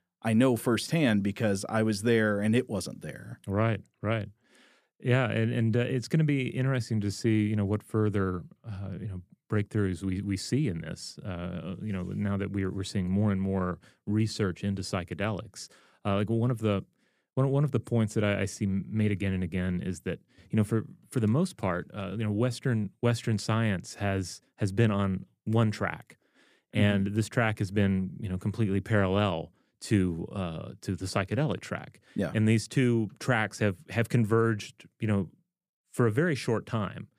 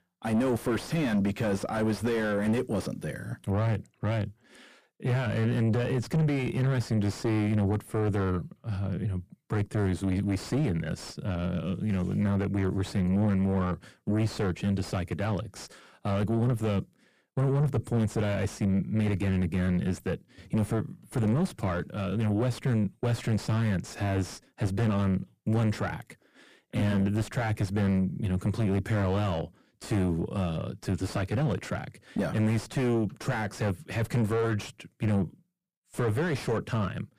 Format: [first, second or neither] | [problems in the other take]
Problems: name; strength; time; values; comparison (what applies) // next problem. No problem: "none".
first | distortion; heavy; 6 dB below the speech